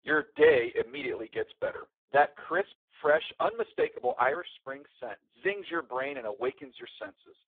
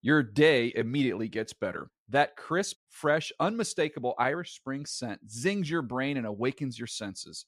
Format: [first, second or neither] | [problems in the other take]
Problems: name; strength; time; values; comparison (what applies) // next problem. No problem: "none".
second | phone-call audio; poor line